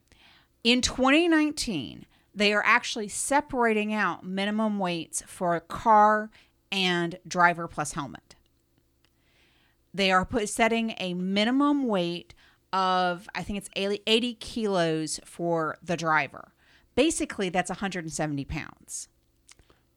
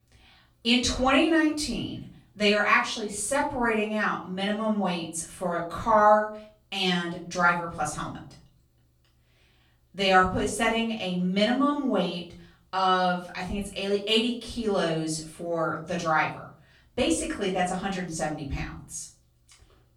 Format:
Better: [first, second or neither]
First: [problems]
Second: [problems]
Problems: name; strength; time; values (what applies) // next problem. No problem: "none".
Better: first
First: none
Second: off-mic speech; far // room echo; slight; dies away in 0.4 s